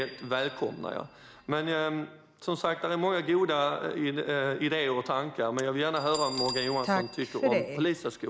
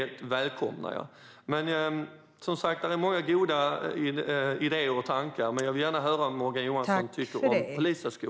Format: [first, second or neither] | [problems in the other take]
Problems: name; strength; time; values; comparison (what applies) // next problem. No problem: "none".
second | background sound (Bell); 16 dB below the speech